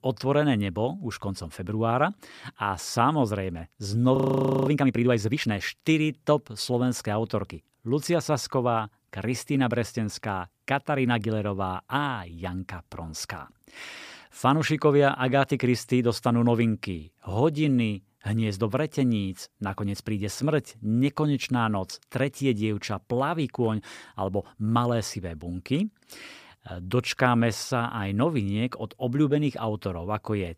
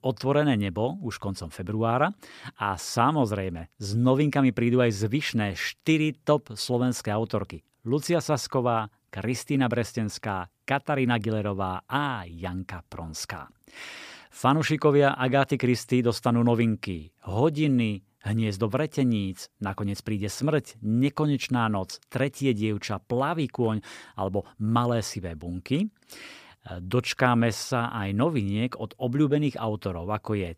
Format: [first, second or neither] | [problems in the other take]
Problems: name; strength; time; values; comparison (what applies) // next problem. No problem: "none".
second | audio freezing; at 4 s for 0.5 s